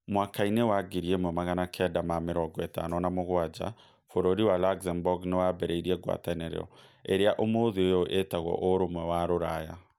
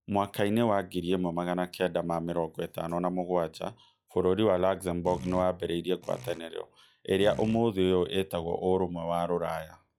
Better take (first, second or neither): first